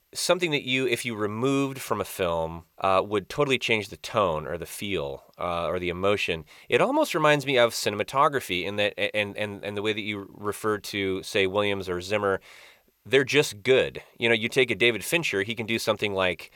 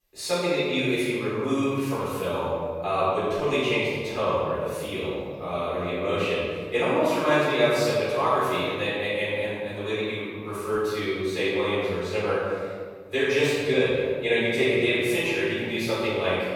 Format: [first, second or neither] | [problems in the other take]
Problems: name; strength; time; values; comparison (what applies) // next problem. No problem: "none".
first | off-mic speech; far // room echo; strong; dies away in 1.7 s